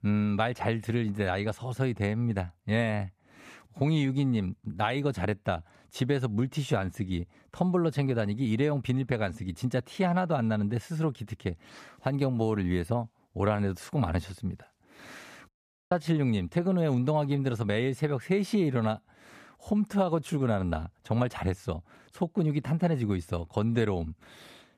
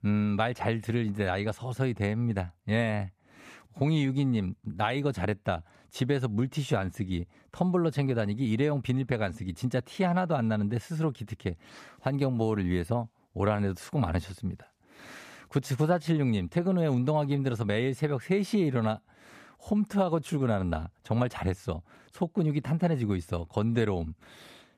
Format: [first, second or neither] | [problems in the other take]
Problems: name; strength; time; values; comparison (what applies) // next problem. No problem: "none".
second | audio cutting out; at 15 s